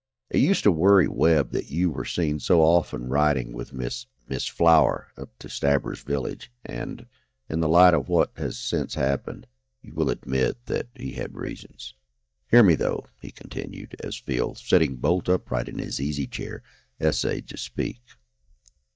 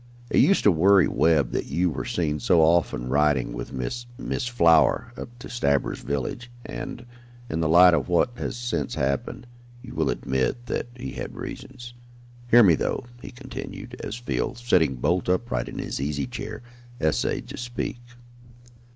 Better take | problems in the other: second | noise reduction (neural mask model DeepFilterNet 3)

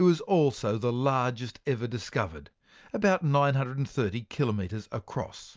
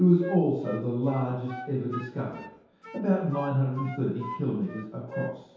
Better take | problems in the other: first | background sound (Wind instrument, woodwind instrument); 14 dB below the speech // room echo; dies away in 0.8 s

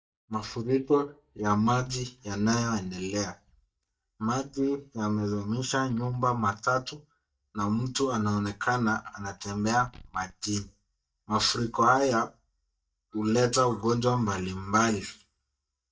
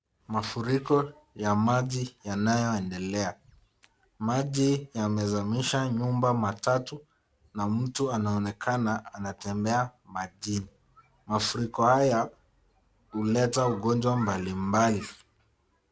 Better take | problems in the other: second | noise reduction (neural mask model DeepFilterNet 3)

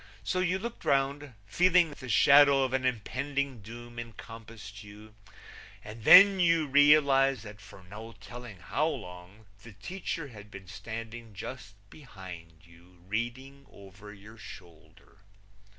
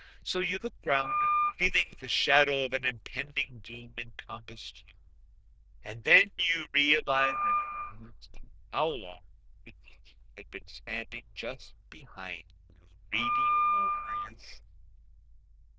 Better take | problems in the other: first | noise reduction (neural diffusion model UNIVERSE++)

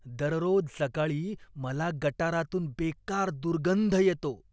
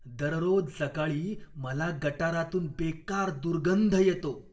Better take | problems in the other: first | room echo; dies away in 0.4 s

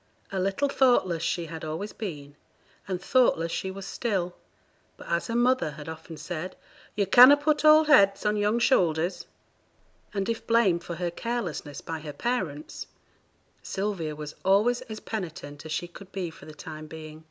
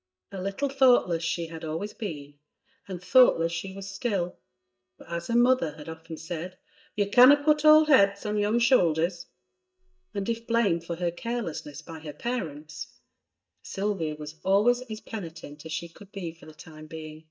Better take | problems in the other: first | noise reduction (neural mask model DeepFilterNet 3)

